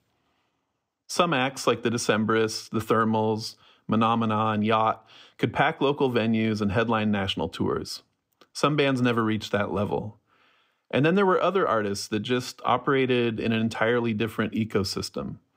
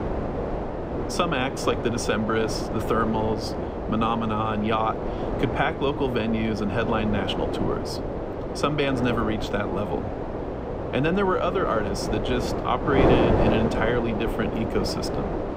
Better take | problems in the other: first | wind noise on the microphone; heavy; 3 dB below the speech

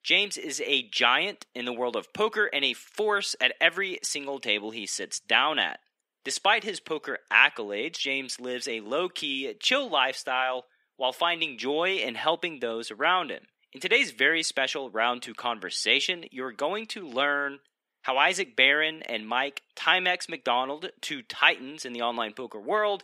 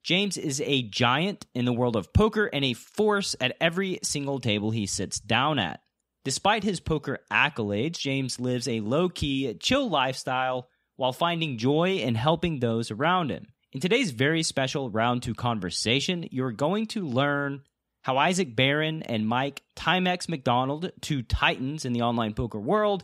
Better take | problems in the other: second | thin; somewhat; fading below 350 Hz

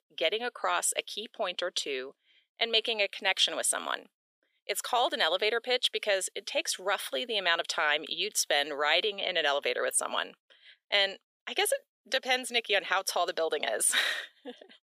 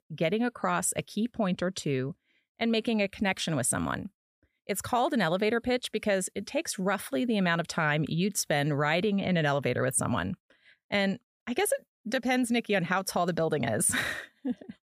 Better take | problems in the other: second | thin; very; fading below 400 Hz

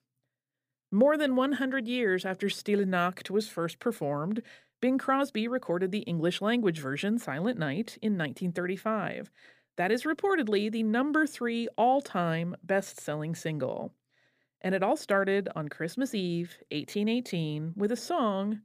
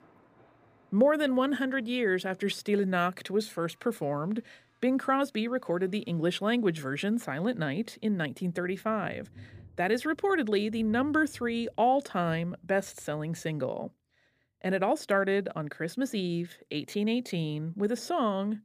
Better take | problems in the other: first | rain or running water; faint; throughout; 30 dB below the speech

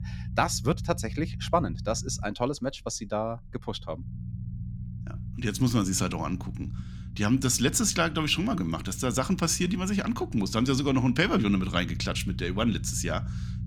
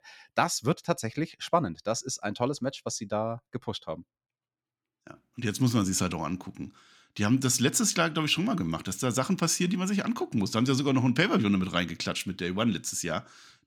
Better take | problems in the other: second | low rumble; faint; throughout; 20 dB below the speech

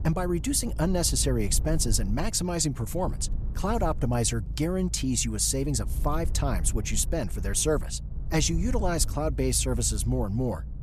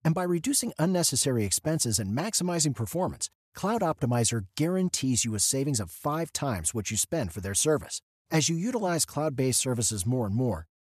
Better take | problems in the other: second | low rumble; faint; throughout; 20 dB below the speech

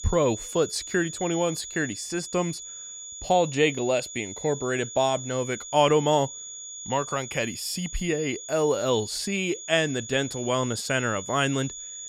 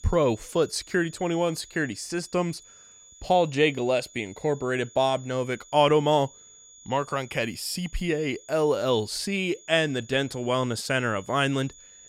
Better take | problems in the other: second | high-pitched whine; loud; throughout; 7 kHz, 10 dB below the speech; faint in the second

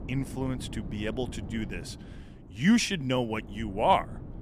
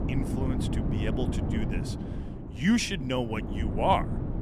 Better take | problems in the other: first | wind noise on the microphone; heavy; 9 dB below the speech; occasional gusts in the first

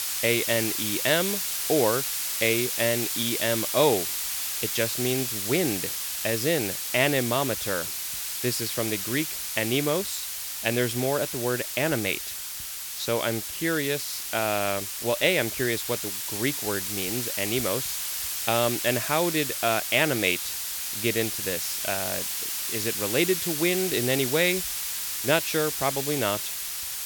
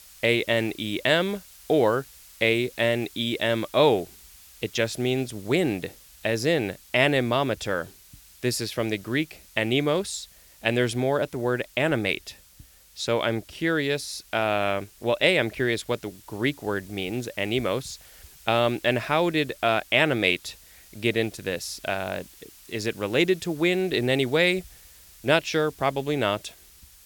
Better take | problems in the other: second | hiss; loud; throughout; 1 dB below the speech; faint in the second

